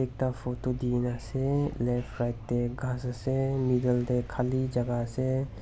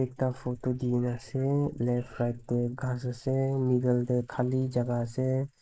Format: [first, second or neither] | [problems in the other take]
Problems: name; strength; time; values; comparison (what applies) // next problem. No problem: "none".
first | noise reduction (neural mask model Resemble Enhance denoiser)